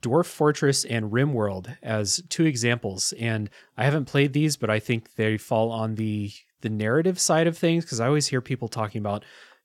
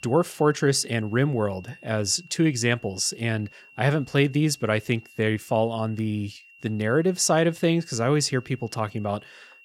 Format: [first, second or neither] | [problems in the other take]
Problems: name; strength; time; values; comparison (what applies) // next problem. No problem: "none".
first | high-pitched whine; faint; throughout; 2.5 kHz, 25 dB below the speech